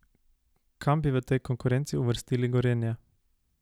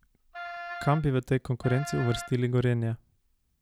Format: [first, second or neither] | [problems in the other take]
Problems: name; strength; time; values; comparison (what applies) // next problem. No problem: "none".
first | background sound (Wind instrument, woodwind instrument); 12 dB below the speech